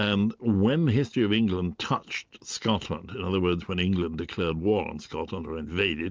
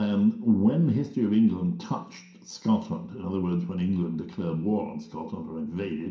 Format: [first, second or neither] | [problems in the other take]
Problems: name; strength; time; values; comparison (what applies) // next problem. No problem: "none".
first | room echo; dies away in 0.5 s